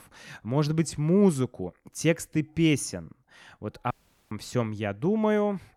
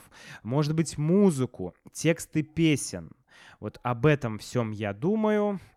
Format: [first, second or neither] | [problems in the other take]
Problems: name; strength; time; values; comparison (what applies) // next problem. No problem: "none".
second | audio cutting out; at 4 s